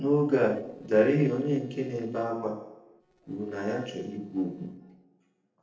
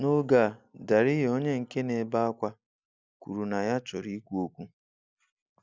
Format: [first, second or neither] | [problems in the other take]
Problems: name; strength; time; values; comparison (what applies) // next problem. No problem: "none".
second | noise reduction (neural separator model SepFormer DNS4)